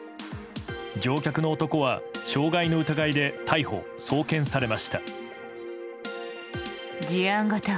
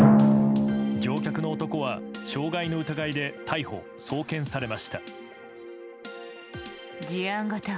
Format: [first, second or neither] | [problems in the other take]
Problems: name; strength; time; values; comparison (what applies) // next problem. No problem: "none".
first | background sound (Drum); 4 dB above the speech